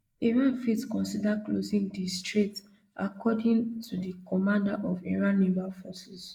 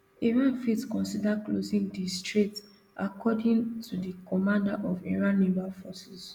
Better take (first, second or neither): second